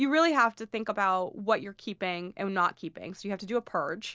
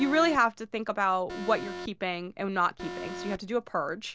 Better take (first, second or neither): first